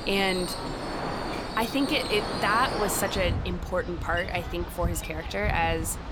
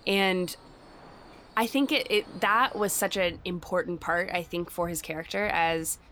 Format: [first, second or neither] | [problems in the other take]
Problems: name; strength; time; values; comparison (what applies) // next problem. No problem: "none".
second | train or aircraft noise; loud; throughout; 4 dB below the speech; faint in the second